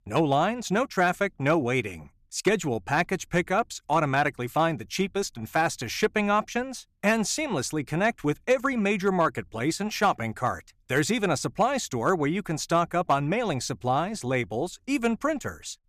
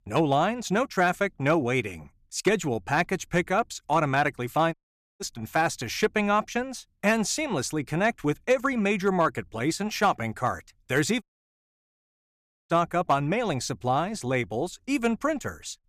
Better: first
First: none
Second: audio cutting out; at 4.5 s and at 11 s for 1.5 s

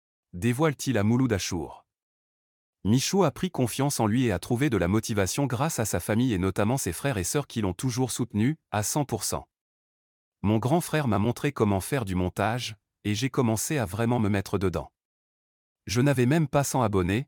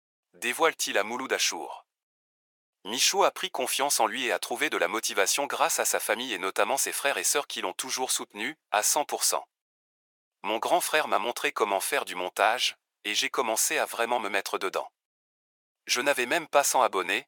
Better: first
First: none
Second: thin; very; fading below 550 Hz

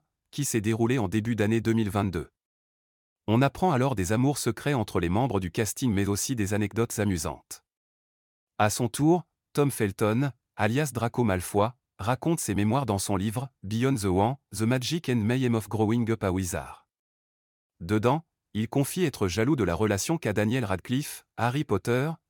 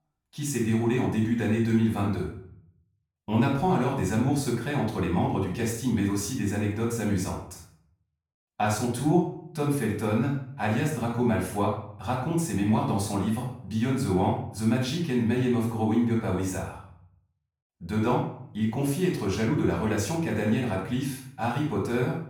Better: first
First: none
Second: off-mic speech; far // room echo; noticeable; dies away in 0.5 s

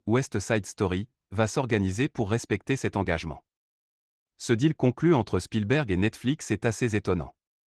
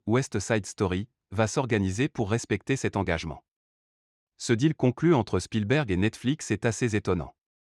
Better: second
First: garbled, watery; slightly; nothing above 12 kHz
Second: none

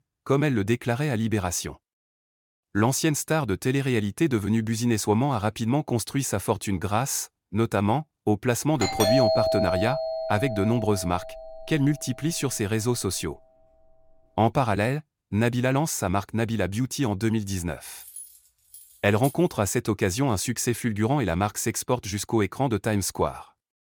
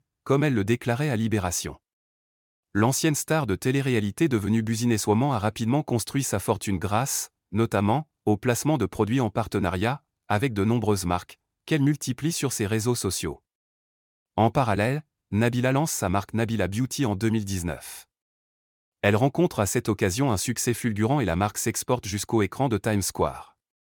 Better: second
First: doorbell; loud; from 9 to 12 s; peak 4 dB above the speech // jangling keys; faint; from 18 to 19 s; peak 15 dB below the speech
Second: none

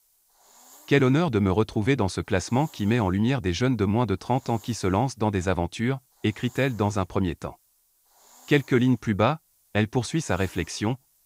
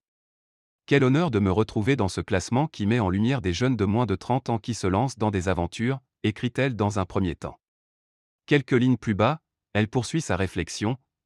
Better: second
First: hiss; faint; throughout; 30 dB below the speech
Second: none

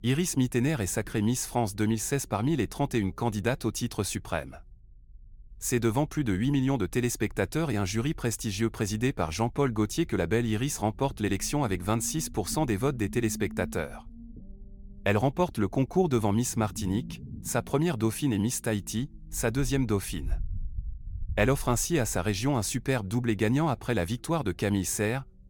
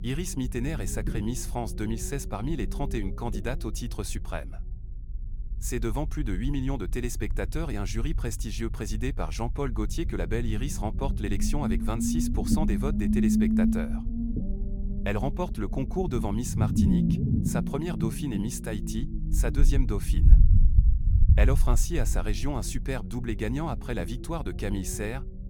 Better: first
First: low rumble; faint; throughout; 25 dB below the speech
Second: low rumble; loud; throughout; 3 dB below the speech

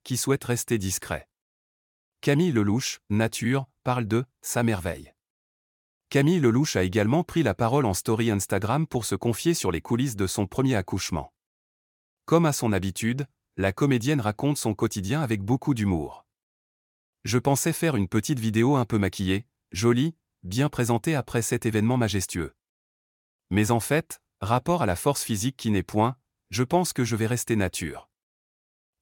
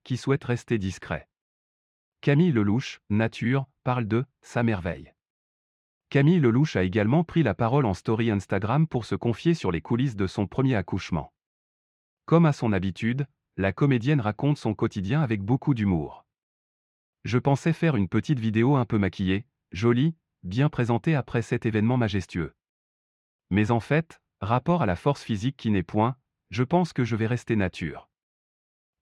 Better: first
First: none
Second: muffled; slightly; fading above 3 kHz

